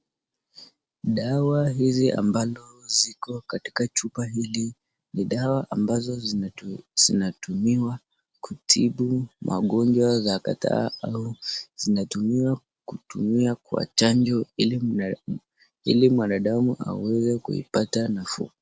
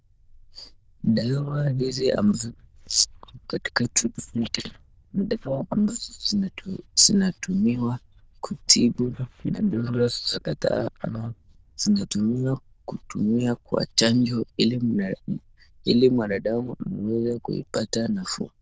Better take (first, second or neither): first